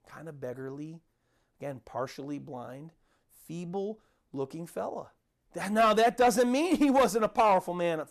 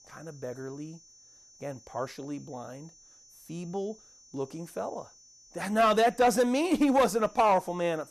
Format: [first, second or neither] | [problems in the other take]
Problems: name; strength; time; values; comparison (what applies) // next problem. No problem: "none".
first | high-pitched whine; faint; throughout; 6 kHz, 25 dB below the speech